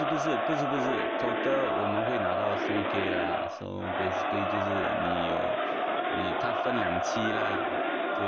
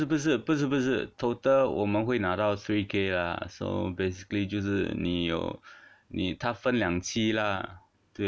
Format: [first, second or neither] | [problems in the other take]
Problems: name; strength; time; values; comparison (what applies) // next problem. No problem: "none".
second | background sound (Crowd); 5 dB above the speech